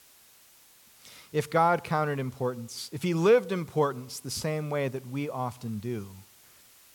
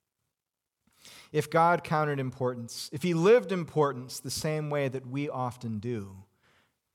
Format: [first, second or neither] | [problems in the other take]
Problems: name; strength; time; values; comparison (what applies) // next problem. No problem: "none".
second | hiss; faint; throughout; 25 dB below the speech